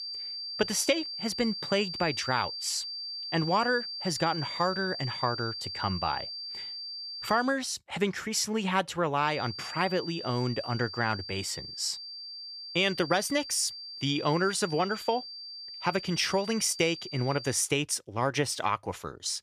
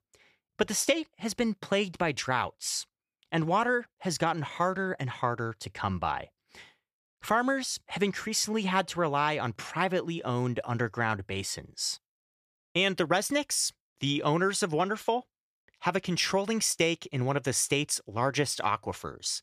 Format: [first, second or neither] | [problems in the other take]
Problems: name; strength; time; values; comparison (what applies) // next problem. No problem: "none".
second | high-pitched whine; loud; until 7.5 s and from 9.5 to 18 s; 4.5 kHz, 7 dB below the speech